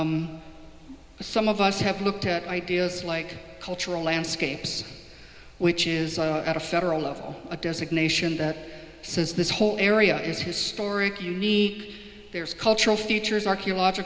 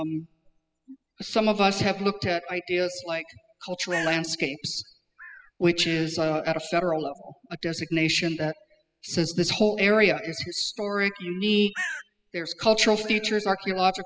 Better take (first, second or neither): first